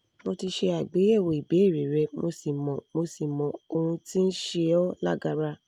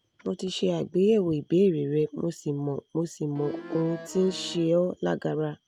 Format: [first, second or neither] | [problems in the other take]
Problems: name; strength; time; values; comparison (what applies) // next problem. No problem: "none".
first | background sound (Accordion); 14 dB below the speech